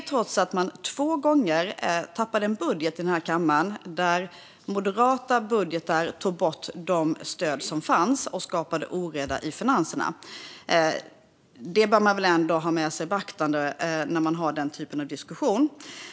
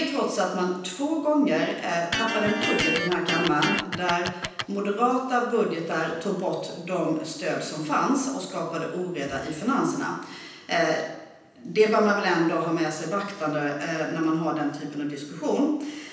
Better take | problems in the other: first | background sound (Electric guitar); 3 dB below the speech // room echo; dies away in 0.9 s

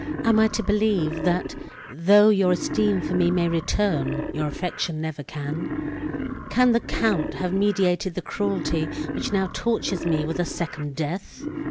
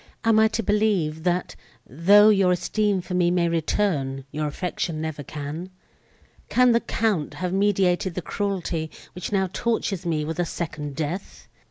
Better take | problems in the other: second | background sound (Wild animals); 8 dB below the speech

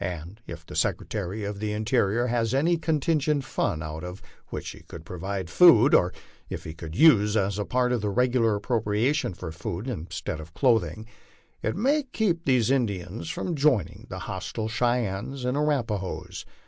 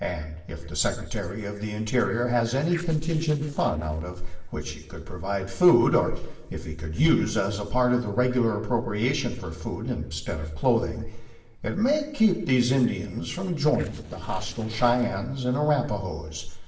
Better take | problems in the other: first | noise reduction (neural separator model SepFormer DNS4)

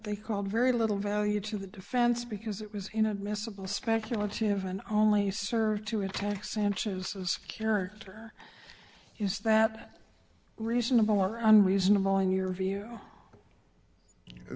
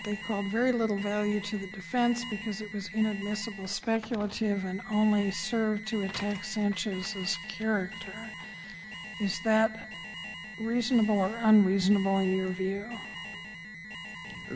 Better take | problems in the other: first | background sound (Alarm); 13 dB below the speech

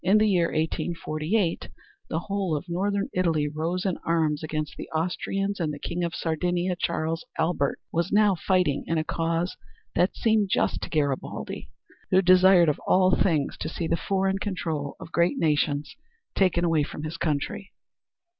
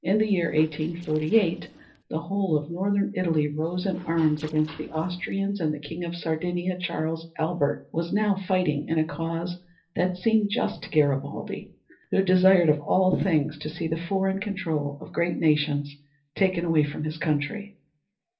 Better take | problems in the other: first | noise reduction (neural separator model SepFormer DNS4)

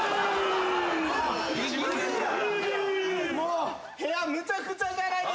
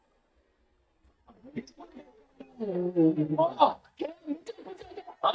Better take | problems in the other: first | noise reduction (neural mask model DeepFilterNet 3)

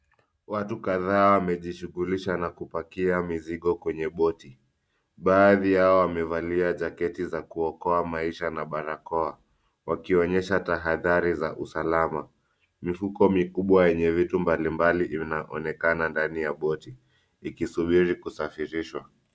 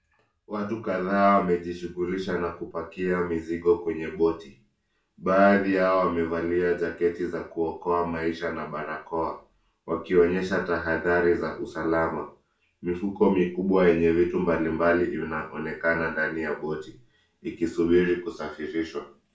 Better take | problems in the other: first | room echo; dies away in 0.3 s

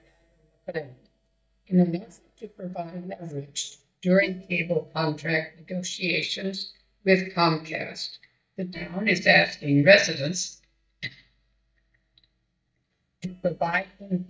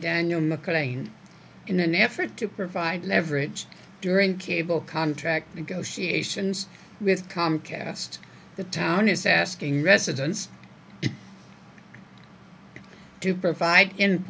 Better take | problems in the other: second | noise reduction (neural mask model DeepFilterNet 3)

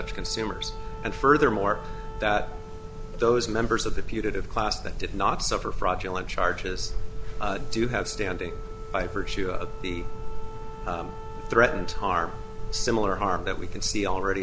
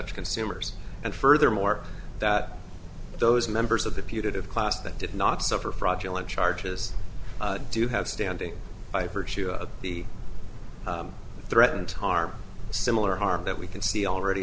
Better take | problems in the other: second | background sound (Wind instrument, woodwind instrument); 18 dB below the speech

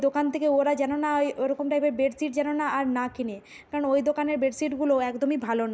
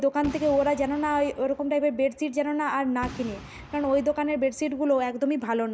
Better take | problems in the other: first | background sound (Boom); 18 dB below the speech

